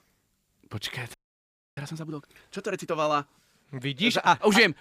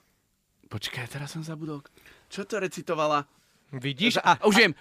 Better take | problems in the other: second | audio freezing; at 1 s for 0.5 s

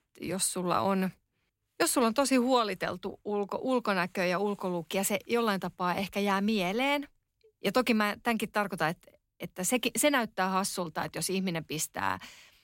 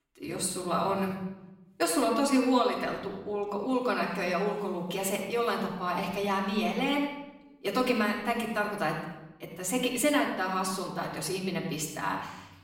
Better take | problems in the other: first | room echo; noticeable; dies away in 0.9 s // off-mic speech; far

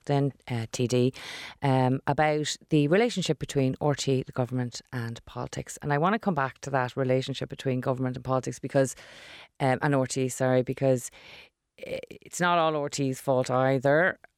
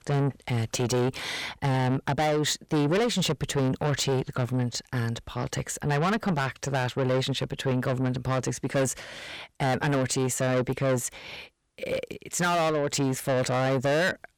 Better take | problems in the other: first | distortion; heavy; 6 dB below the speech

